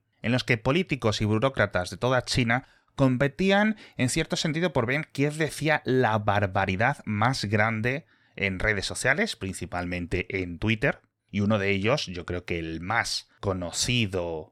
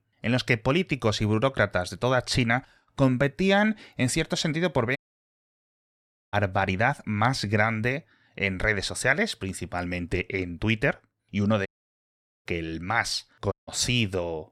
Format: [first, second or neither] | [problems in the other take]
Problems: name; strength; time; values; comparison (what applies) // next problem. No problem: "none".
first | audio cutting out; at 5 s for 1.5 s, at 12 s for 1 s and at 14 s